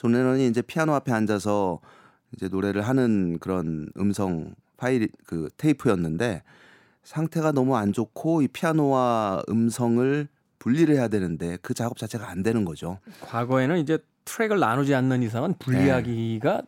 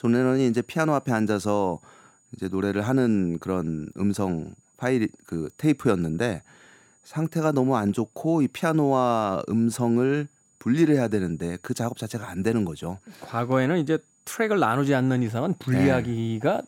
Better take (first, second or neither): first